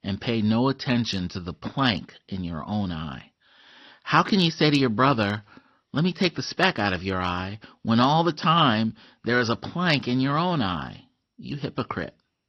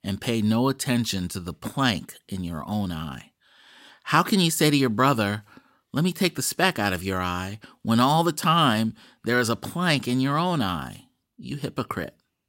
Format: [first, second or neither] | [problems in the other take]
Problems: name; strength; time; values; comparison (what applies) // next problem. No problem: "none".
second | garbled, watery; slightly